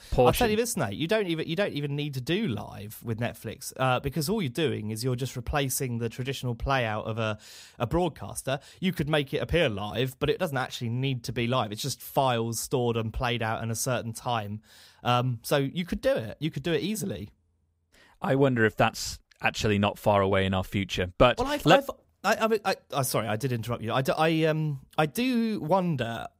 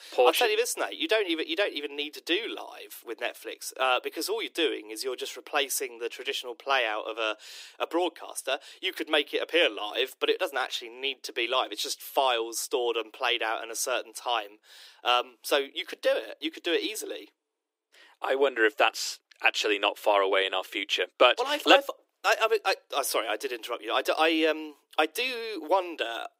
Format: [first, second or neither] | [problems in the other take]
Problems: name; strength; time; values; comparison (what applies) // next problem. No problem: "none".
first | thin; very; fading below 300 Hz